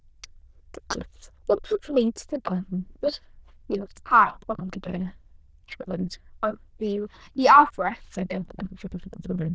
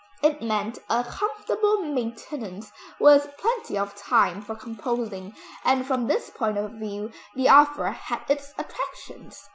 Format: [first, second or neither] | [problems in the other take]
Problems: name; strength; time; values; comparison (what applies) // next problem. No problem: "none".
second | noise reduction (neural diffusion model UNIVERSE++)